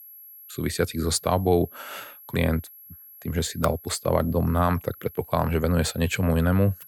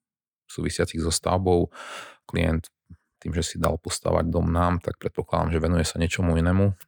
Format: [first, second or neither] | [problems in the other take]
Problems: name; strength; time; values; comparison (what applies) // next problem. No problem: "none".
second | high-pitched whine; noticeable; throughout; 11.5 kHz, 20 dB below the speech